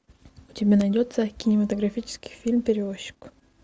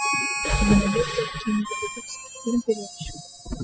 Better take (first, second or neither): first